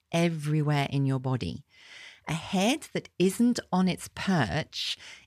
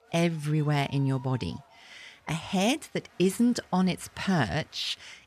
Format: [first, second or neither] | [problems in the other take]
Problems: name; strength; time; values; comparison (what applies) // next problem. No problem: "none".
first | crowd noise; faint; throughout; 25 dB below the speech